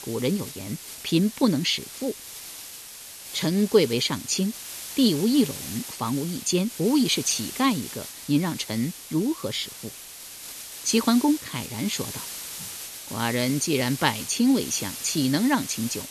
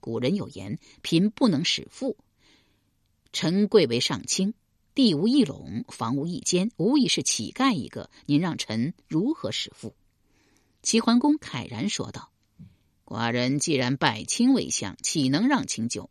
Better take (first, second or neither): second